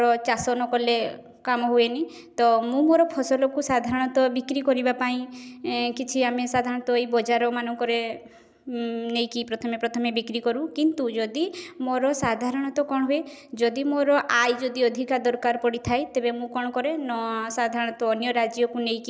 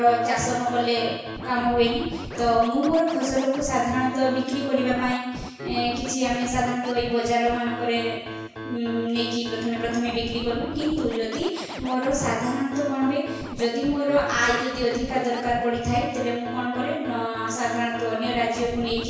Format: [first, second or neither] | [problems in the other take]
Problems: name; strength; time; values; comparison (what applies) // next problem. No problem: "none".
first | background sound (Scratching (performance technique)); 11 dB below the speech // room echo; dies away in 1.1 s